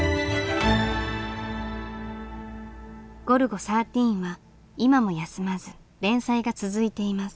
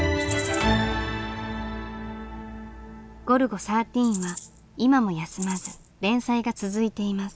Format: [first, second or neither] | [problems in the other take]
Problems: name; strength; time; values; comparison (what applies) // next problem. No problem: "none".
first | background sound (Rattle (instrument)); 14 dB below the speech